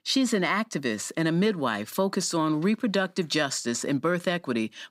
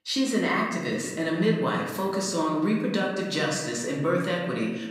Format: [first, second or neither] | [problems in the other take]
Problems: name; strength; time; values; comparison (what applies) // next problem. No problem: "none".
first | room echo; noticeable; dies away in 1 s // off-mic speech; far